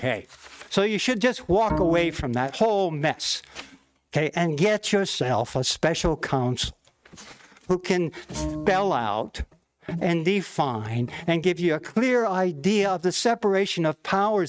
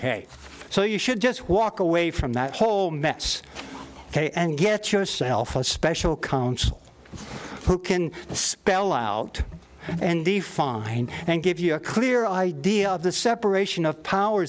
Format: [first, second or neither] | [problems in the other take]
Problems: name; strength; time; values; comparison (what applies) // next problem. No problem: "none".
second | noise reduction (neural mask model RNNoise)